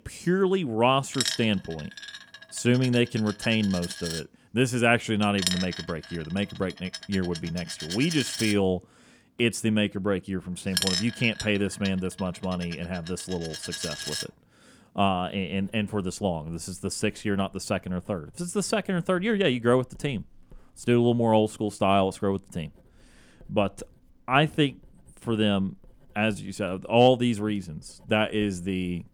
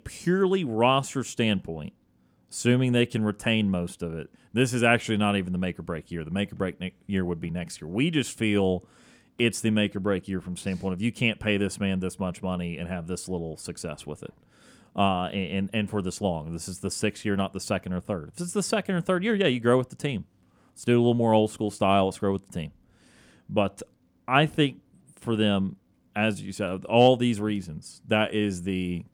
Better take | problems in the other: second | household noises; loud; throughout; 7 dB below the speech

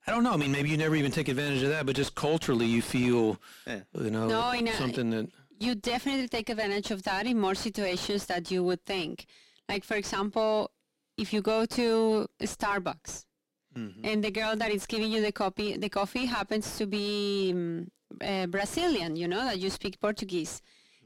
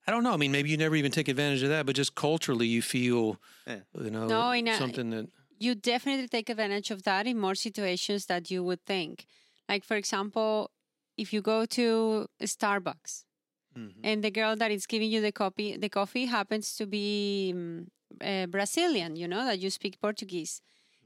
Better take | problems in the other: second | distortion; heavy; 7 dB below the speech

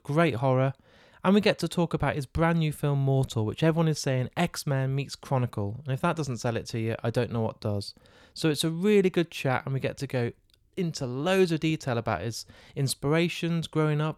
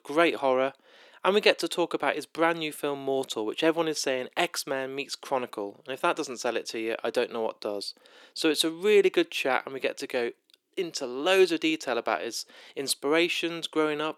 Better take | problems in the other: first | thin; very; fading below 300 Hz

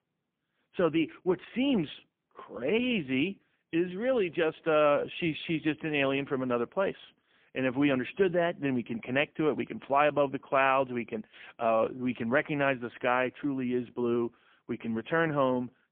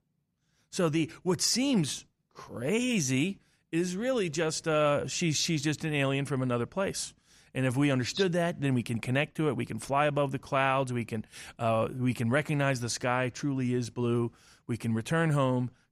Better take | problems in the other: second | phone-call audio; poor line

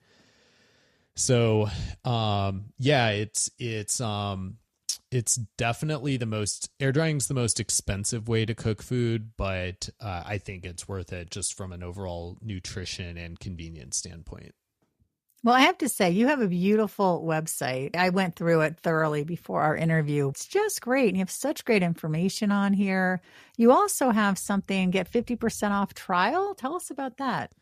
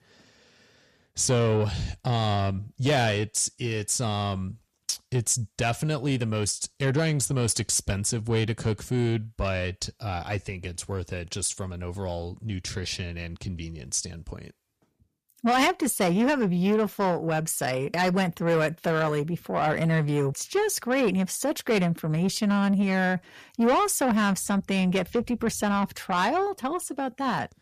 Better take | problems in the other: first | distortion; slight; 10 dB below the speech

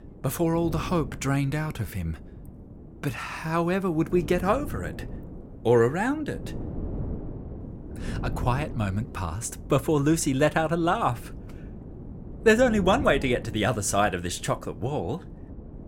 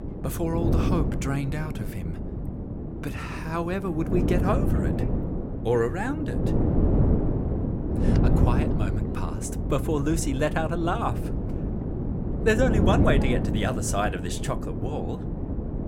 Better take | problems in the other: first | wind noise on the microphone; heavy; 5 dB below the speech; occasional gusts in the first

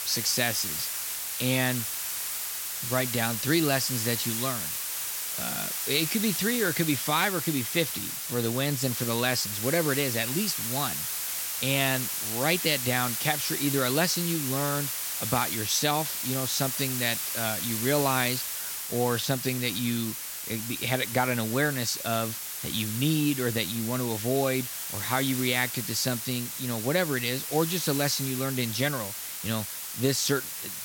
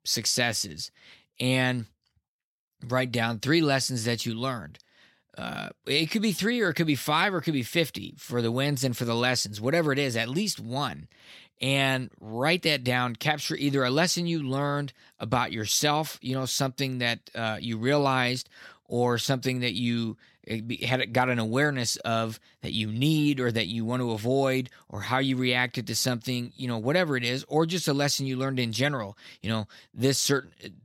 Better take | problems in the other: second | hiss; loud; throughout; 2 dB below the speech

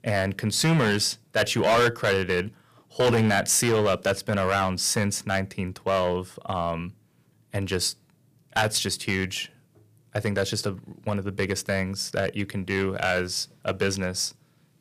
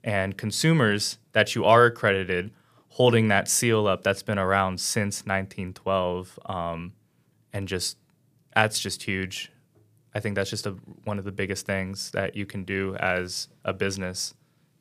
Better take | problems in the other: second | distortion; heavy; 5% of the sound clipped

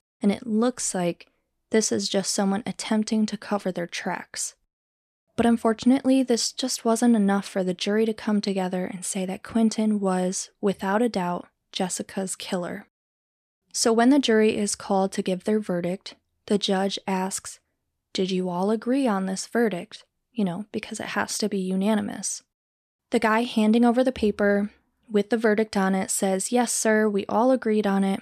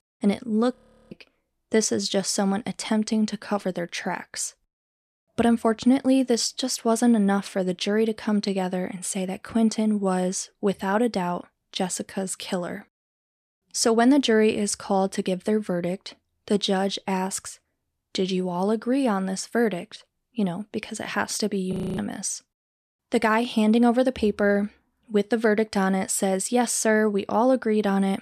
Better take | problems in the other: first | audio freezing; at 1 s and at 22 s

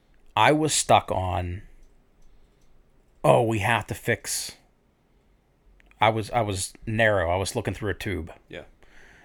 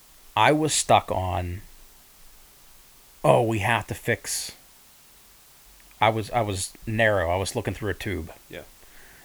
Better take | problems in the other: first | hiss; faint; throughout; 25 dB below the speech

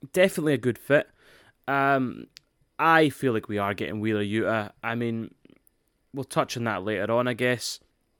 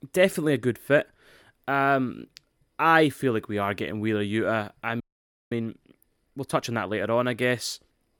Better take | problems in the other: first | audio freezing; at 5 s for 0.5 s

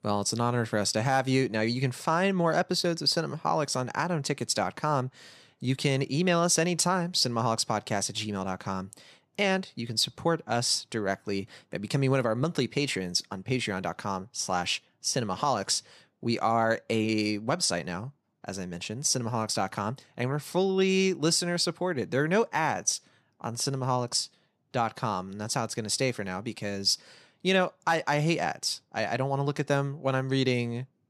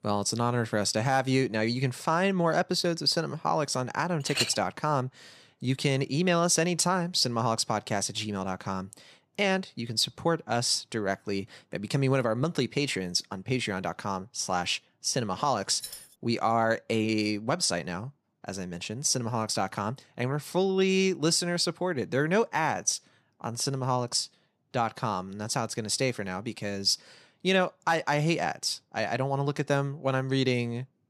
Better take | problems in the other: first | clattering dishes; noticeable; at 4.5 s; peak 1 dB below the speech // jangling keys; faint; at 16 s; peak 10 dB below the speech

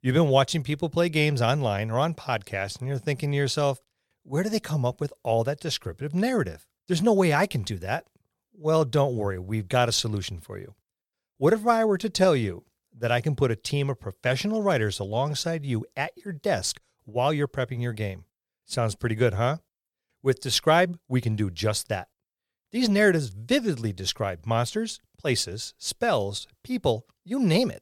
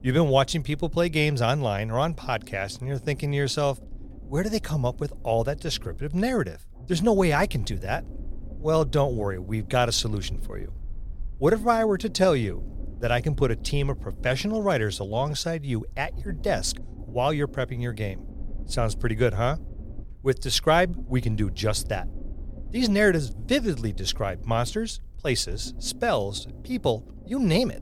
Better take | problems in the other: first | low rumble; faint; throughout; 25 dB below the speech

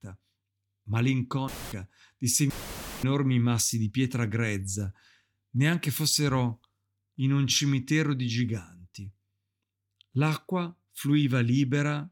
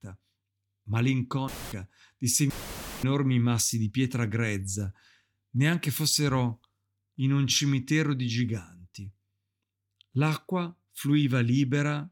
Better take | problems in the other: neither | audio cutting out; filled with static; at 1.5 s and at 2.5 s for 0.5 s; the same in both

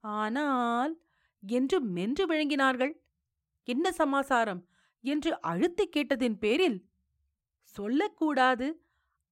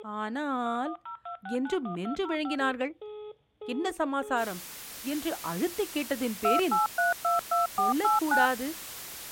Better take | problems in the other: first | alarms or sirens; very loud; throughout; 1 dB above the speech

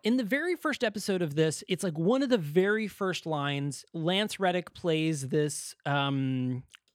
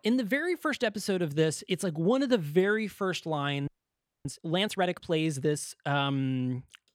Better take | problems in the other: first | audio freezing; at 3.5 s for 0.5 s

